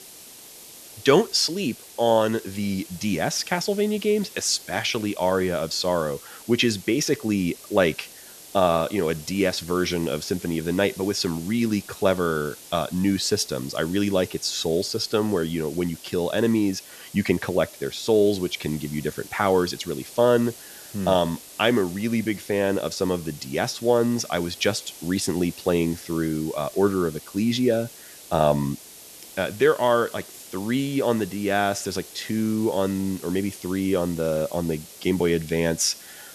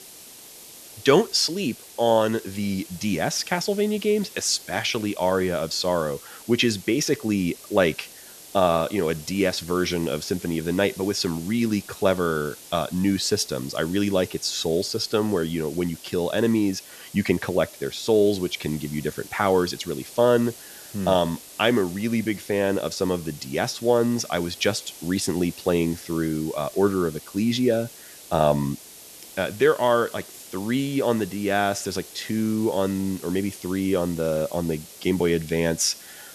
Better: neither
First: hiss; noticeable; throughout; 15 dB below the speech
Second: hiss; noticeable; throughout; 15 dB below the speech

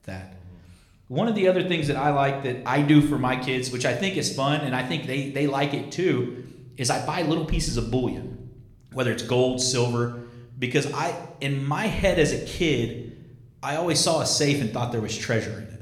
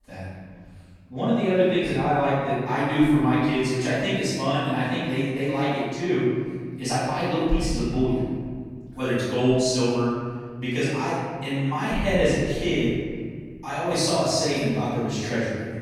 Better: first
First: room echo; slight; dies away in 0.7 s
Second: room echo; strong; dies away in 1.9 s // off-mic speech; far

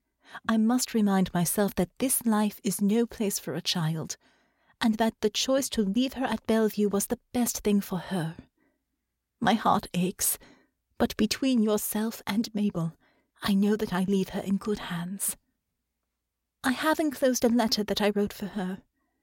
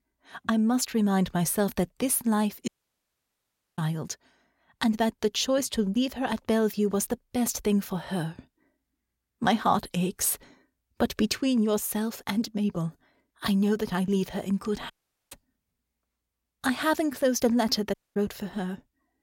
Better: first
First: none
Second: audio cutting out; at 2.5 s for 1 s, at 15 s and at 18 s

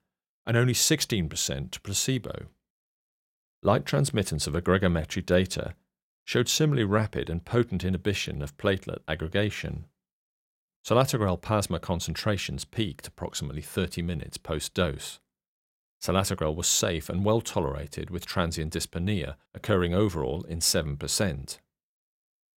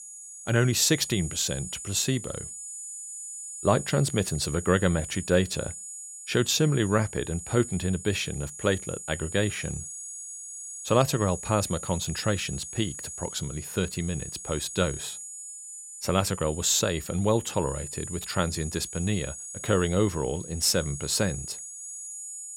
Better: first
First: none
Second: high-pitched whine; loud; throughout; 6.5 kHz, 10 dB below the speech

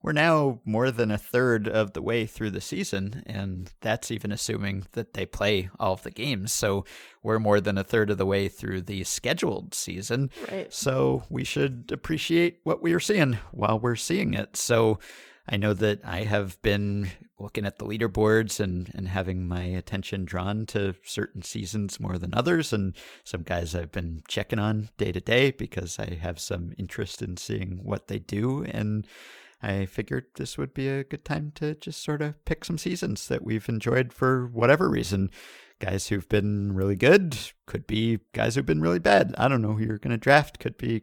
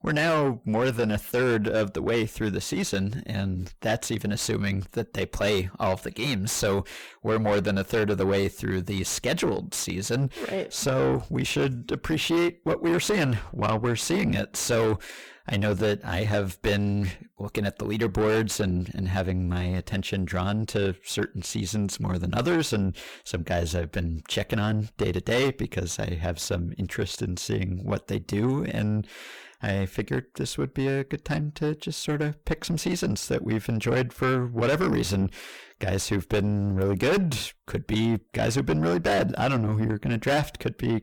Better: first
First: none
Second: distortion; heavy; 6 dB below the speech

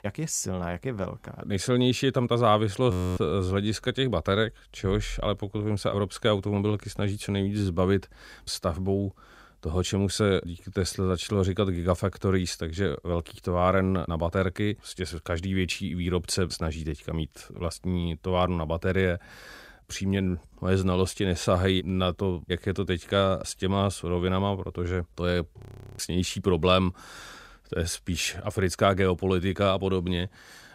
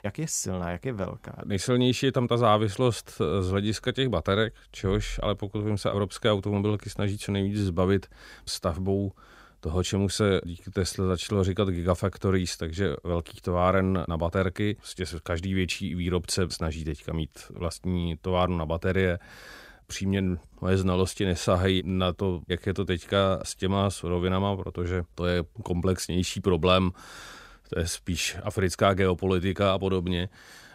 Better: second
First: audio freezing; at 3 s and at 26 s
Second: none

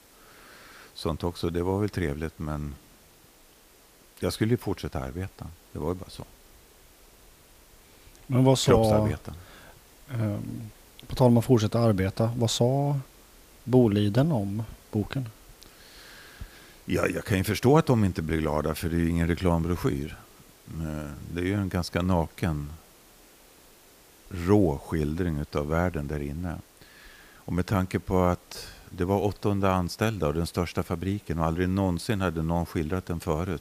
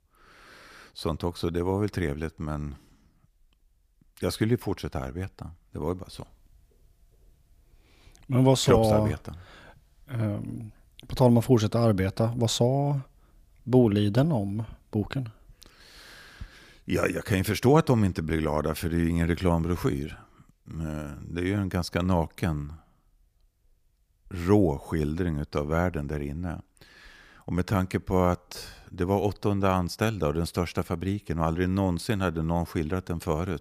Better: second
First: hiss; faint; throughout; 25 dB below the speech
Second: none

